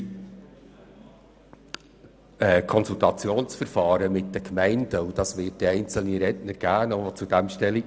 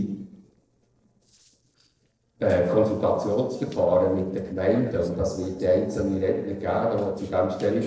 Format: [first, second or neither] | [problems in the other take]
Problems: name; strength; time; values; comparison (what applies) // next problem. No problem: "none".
first | noise reduction (neural separator model SepFormer DNS4)